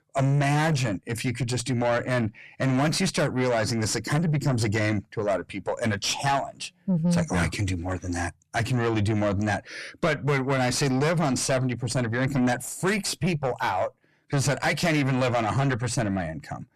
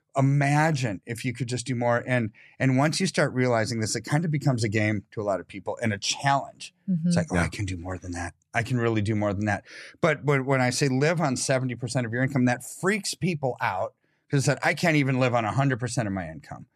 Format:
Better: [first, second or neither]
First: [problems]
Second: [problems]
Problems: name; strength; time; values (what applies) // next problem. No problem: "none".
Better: second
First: distortion; heavy; 6 dB below the speech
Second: none